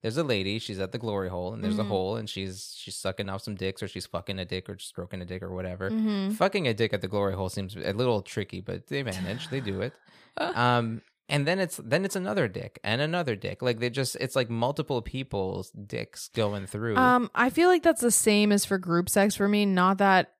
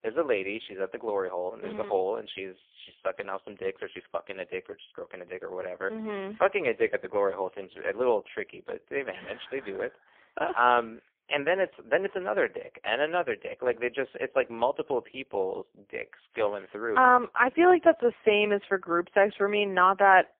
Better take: first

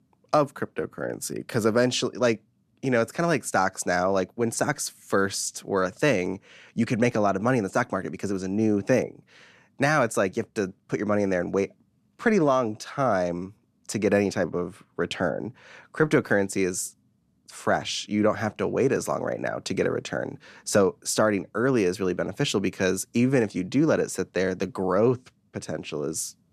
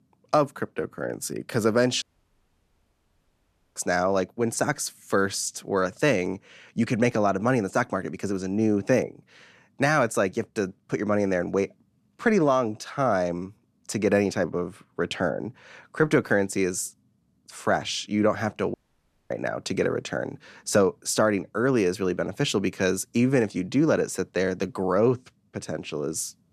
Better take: first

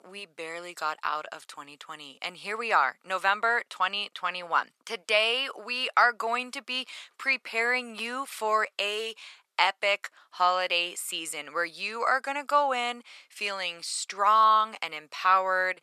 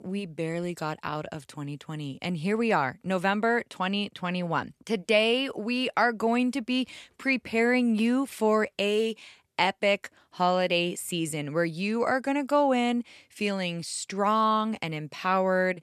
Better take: second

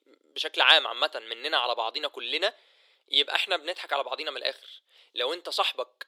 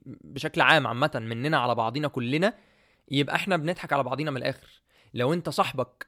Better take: second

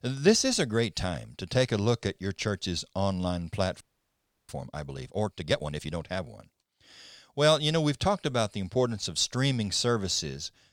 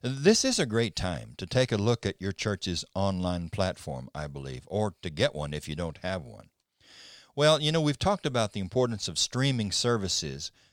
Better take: second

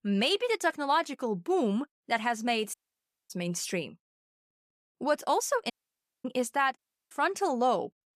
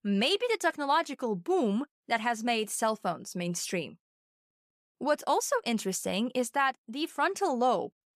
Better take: second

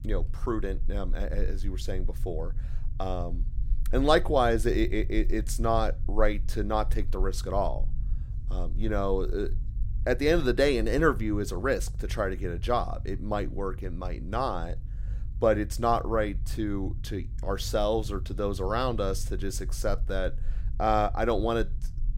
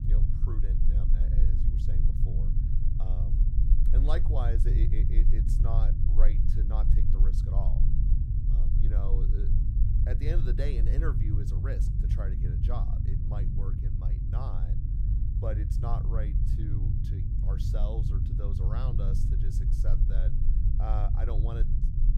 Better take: first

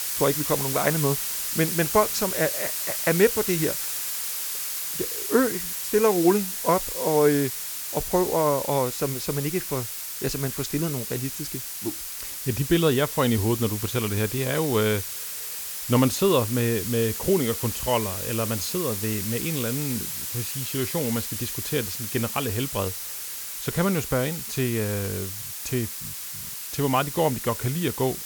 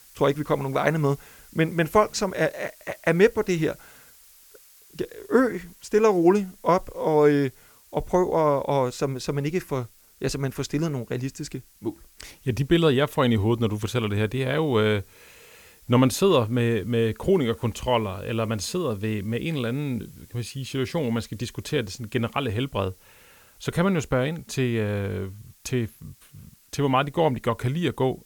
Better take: second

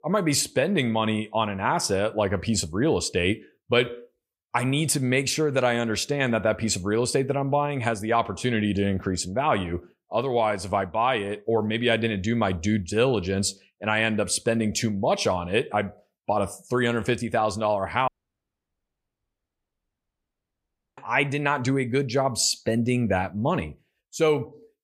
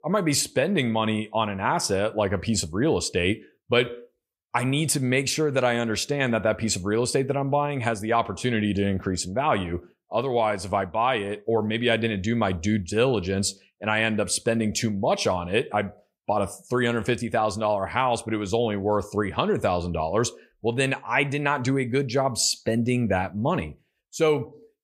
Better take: second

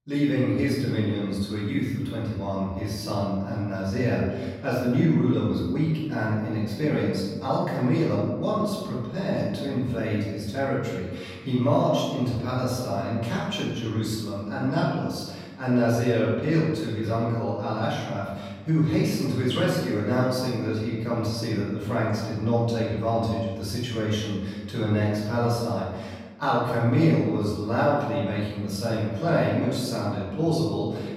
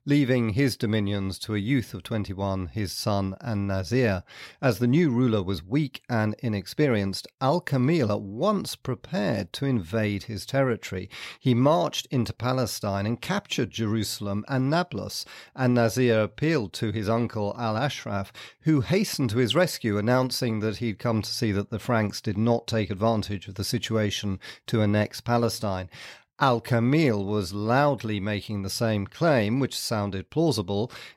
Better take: second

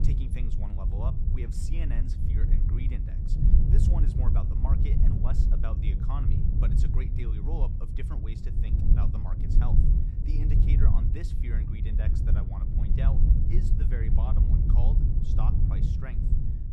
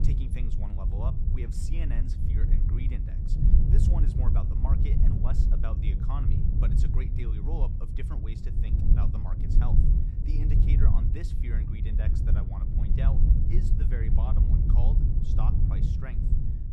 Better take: neither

